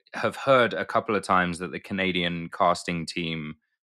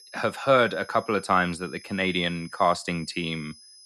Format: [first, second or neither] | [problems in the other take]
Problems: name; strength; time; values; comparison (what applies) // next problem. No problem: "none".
first | high-pitched whine; faint; throughout; 5 kHz, 20 dB below the speech